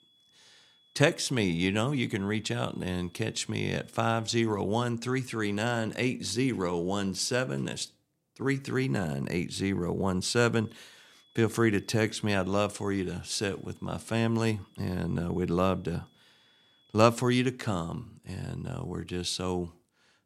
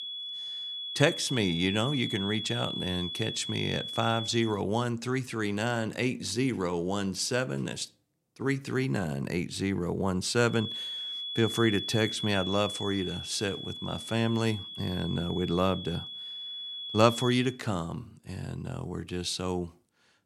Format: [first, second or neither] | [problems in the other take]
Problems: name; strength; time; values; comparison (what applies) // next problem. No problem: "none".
first | high-pitched whine; loud; until 4.5 s and from 11 to 17 s; 3.5 kHz, 5 dB below the speech; faint in the first